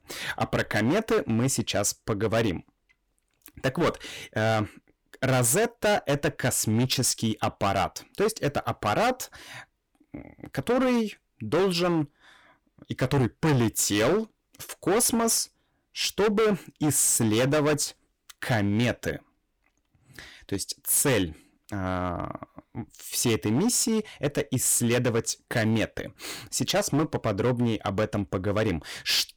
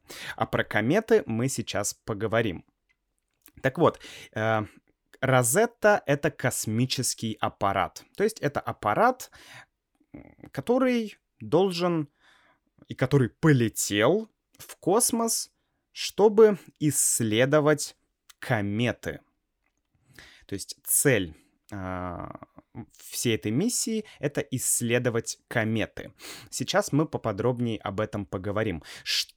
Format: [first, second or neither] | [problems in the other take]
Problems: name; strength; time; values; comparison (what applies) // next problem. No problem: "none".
second | distortion; heavy; 12% of the sound clipped